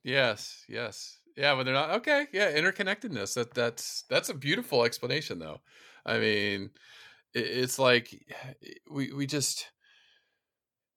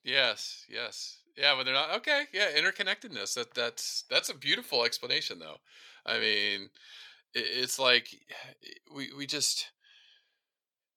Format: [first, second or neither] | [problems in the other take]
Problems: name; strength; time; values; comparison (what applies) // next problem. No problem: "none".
first | thin; very slightly; fading below 1 kHz